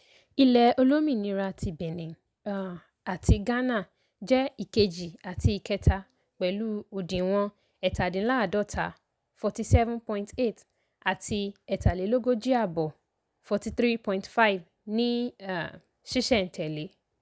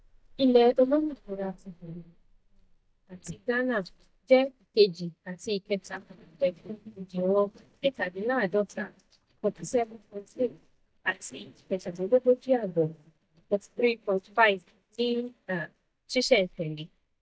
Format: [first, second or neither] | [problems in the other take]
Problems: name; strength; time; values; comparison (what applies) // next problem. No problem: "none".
first | noise reduction (neural mask model DeepFilterNet 3)